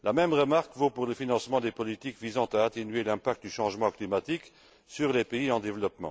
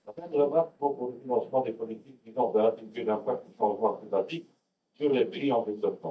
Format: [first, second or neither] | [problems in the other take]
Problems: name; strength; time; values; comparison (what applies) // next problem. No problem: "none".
first | noise reduction (neural mask model DeepFilterNet 3)